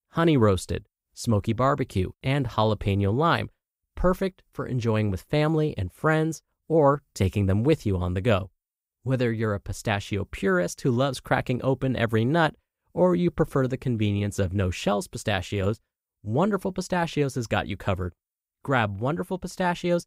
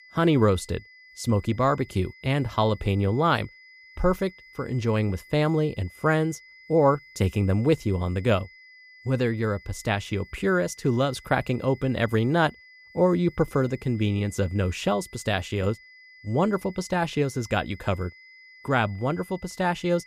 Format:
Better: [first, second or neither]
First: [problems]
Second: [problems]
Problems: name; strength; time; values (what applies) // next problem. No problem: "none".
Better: first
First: none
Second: high-pitched whine; faint; throughout; 2 kHz, 25 dB below the speech